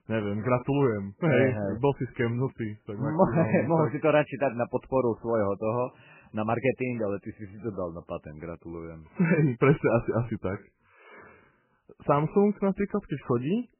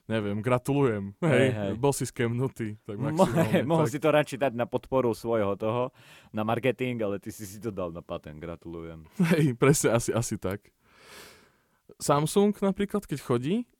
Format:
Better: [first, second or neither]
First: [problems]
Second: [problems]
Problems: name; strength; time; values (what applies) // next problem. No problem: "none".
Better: second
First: garbled, watery; badly; nothing above 2.5 kHz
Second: none